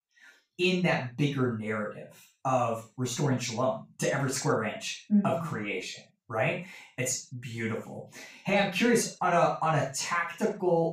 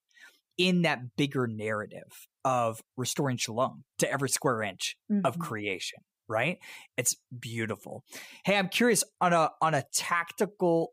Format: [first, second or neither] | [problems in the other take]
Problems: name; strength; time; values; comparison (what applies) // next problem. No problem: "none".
second | room echo; noticeable; dies away in 0.3 s // off-mic speech; far